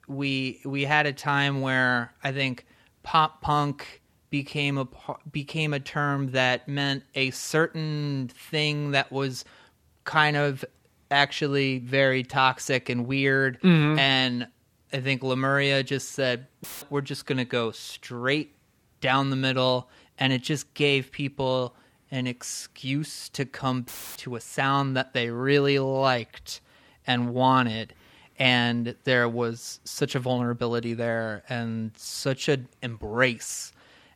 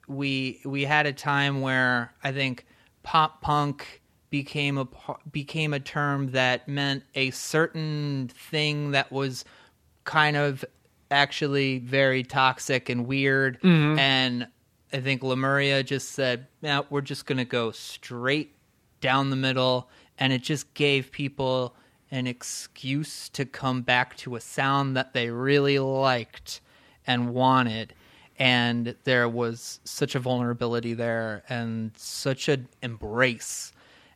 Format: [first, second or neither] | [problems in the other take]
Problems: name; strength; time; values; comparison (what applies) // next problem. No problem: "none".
second | audio cutting out; filled with static; at 17 s and at 24 s